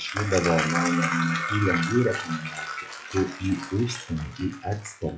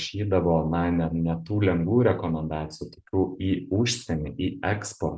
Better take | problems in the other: second | noise reduction (classical method log-MMSE)

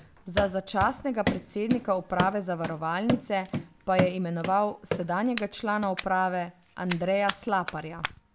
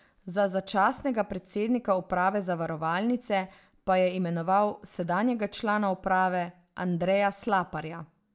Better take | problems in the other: second | background sound (Run); 6 dB below the speech

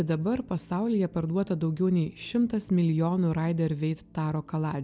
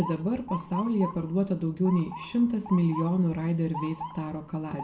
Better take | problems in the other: first | background sound (Motor vehicle (road) / Siren); 13 dB below the speech // room echo; dies away in 0.3 s

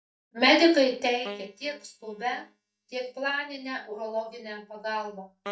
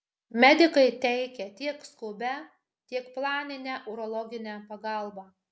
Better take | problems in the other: second | noise reduction (neural mask model DeepFilterNet 3)

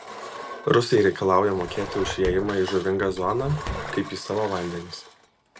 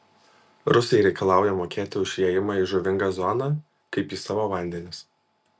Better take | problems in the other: second | background sound (Engine + Walk, footsteps); 12 dB below the speech

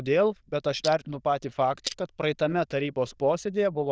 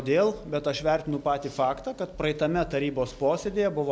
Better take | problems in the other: second | noise reduction (neural diffusion model UNIVERSE++)

